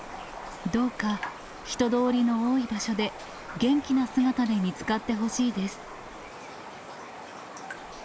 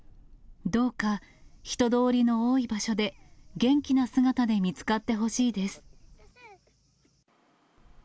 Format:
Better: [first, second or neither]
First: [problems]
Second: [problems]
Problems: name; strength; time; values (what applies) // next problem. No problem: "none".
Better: second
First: background sound (Raindrop); 12 dB below the speech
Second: none